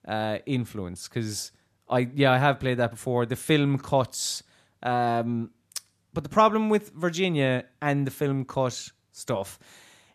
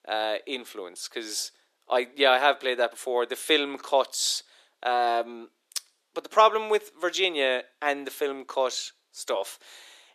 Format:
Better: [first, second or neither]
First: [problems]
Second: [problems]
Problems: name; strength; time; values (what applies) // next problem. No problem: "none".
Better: first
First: none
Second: thin; very; fading below 350 Hz